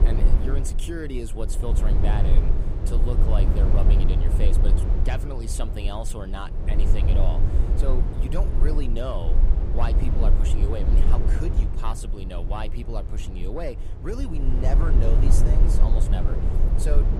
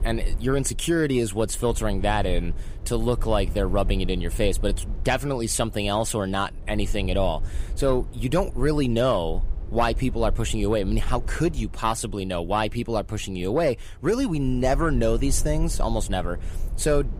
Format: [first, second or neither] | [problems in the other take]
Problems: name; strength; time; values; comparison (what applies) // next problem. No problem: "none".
second | low rumble; loud; throughout; 3 dB below the speech; faint in the second